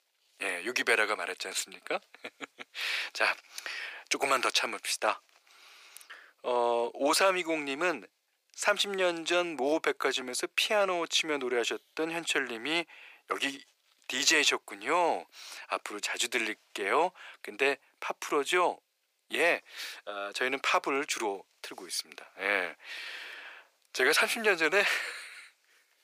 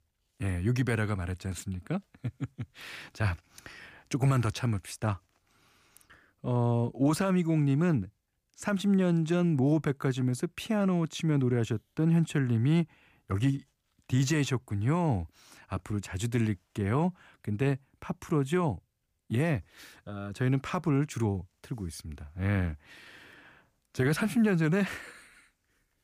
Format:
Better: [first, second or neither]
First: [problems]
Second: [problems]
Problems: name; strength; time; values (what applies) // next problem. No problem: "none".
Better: second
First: thin; very; fading below 450 Hz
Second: none